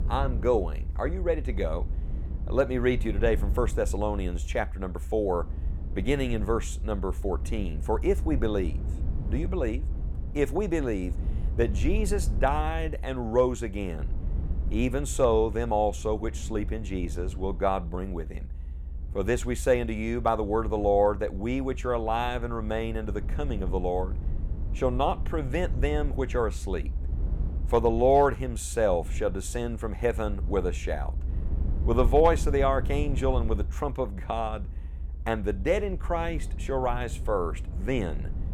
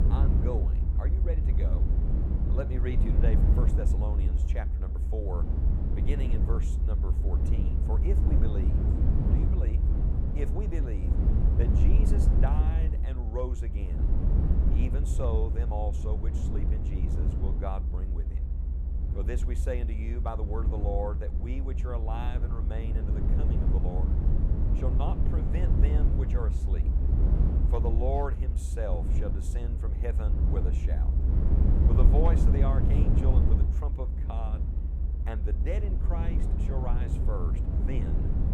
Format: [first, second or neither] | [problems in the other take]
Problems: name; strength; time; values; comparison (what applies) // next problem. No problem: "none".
first | low rumble; loud; throughout; 2 dB below the speech; faint in the first